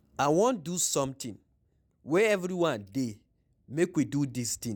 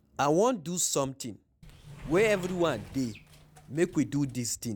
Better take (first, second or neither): first